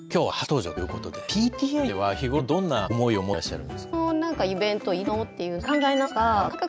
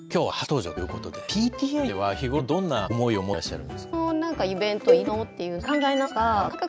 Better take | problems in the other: first | background sound (Cowbell); 1 dB below the speech

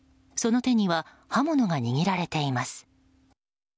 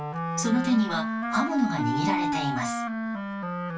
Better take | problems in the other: first | background sound (Wind instrument, woodwind instrument); 1 dB below the speech // room echo; dies away in 0.2 s

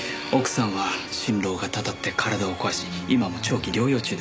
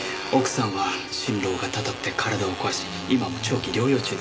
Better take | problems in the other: first | background sound (Fart); 13 dB below the speech // room echo; dies away in 0.7 s

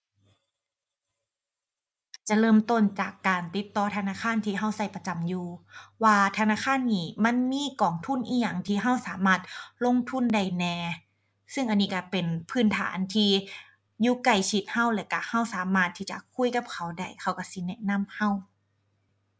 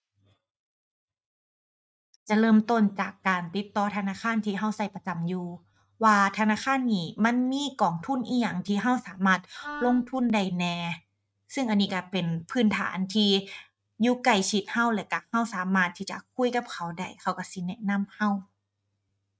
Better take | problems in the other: first | noise reduction (neural mask model RNNoise)

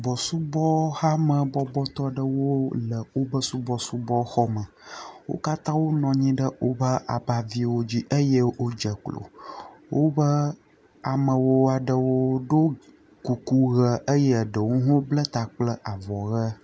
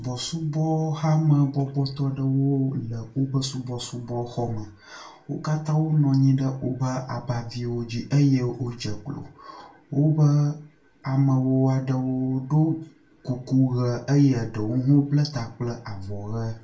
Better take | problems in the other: first | room echo; dies away in 0.3 s

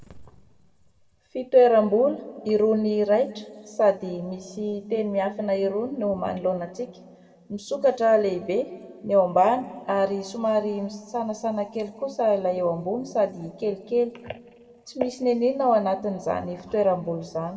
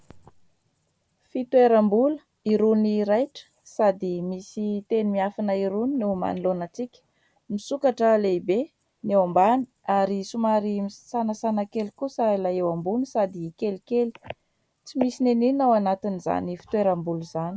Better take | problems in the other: second | room echo; dies away in 1.5 s

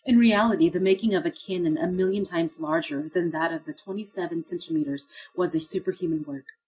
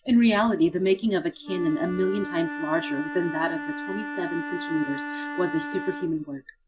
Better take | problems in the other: first | background sound (Wind instrument, woodwind instrument); 9 dB below the speech

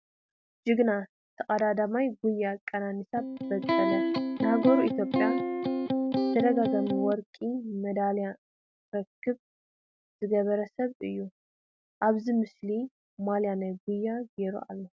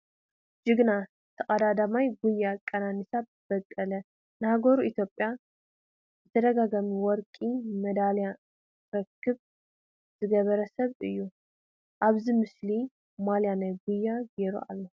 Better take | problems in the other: second | background sound (Electric guitar); 2 dB above the speech

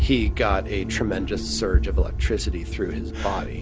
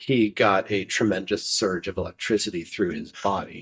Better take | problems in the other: first | noise reduction (neural mask model DeepFilterNet 3)

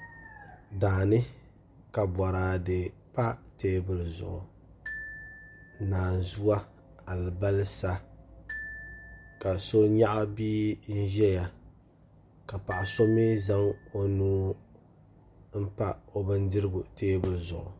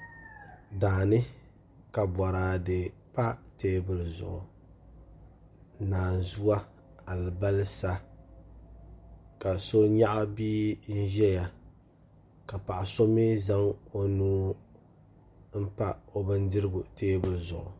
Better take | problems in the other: second | background sound (Glockenspiel); 16 dB below the speech

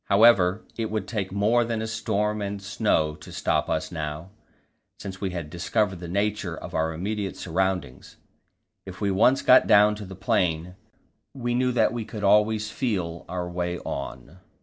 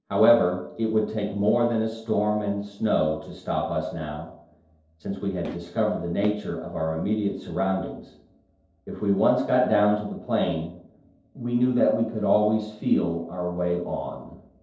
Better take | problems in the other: first | noise reduction (neural separator model SepFormer DNS4)

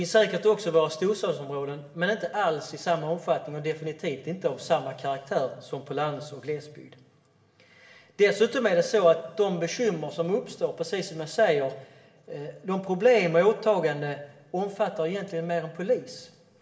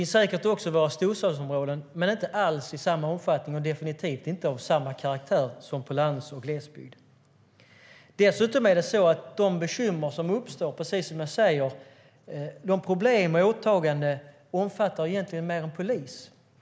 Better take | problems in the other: second | room echo; dies away in 0.8 s

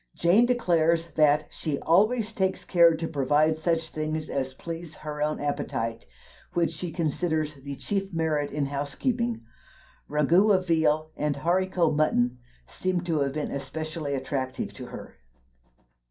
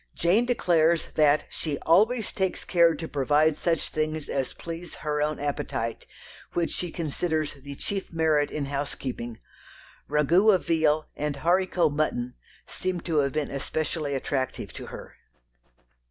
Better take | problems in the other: second | room echo; dies away in 0.3 s

